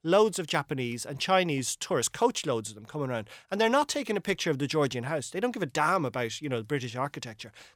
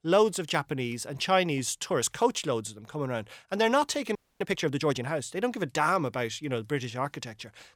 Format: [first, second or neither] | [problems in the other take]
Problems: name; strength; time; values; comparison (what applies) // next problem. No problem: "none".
first | audio freezing; at 4 s